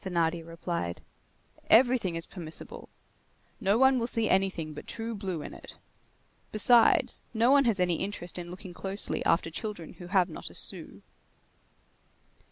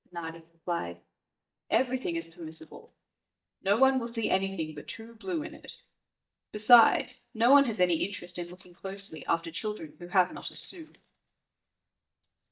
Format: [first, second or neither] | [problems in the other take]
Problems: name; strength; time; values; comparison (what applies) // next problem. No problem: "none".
first | noise reduction (neural mask model DeepFilterNet 3)